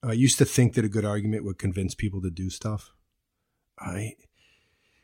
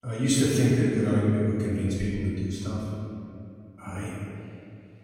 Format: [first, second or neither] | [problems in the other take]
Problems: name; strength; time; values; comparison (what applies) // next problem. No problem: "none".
first | off-mic speech; far // room echo; strong; dies away in 2.4 s